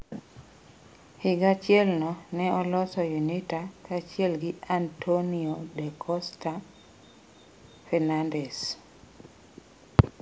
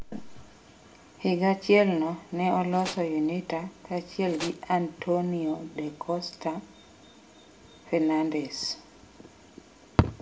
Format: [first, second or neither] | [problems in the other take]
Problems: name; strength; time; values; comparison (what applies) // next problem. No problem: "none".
first | background sound (Tools); 11 dB below the speech // room echo; dies away in 0.3 s